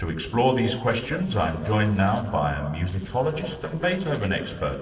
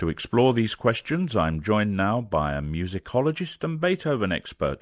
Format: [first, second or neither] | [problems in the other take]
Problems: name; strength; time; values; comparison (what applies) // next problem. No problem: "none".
second | noise reduction (neural separator model SepFormer DNS4)